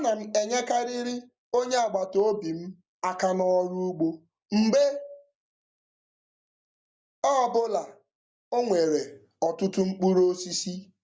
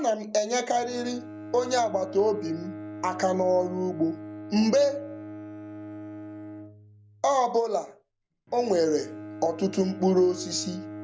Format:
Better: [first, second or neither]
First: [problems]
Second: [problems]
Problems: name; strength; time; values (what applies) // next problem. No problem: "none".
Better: first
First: none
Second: background sound (Bowed string instrument); 13 dB below the speech